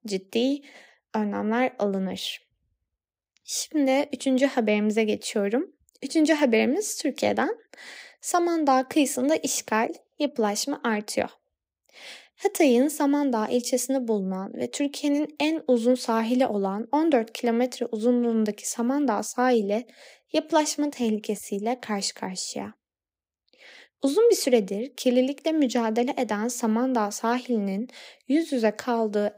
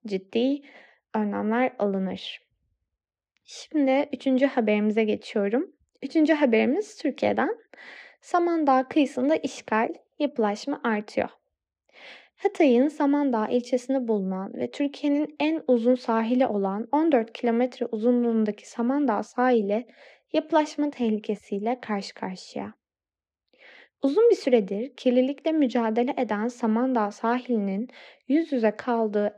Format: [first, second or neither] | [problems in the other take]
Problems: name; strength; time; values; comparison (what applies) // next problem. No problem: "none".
first | muffled; slightly; fading above 3 kHz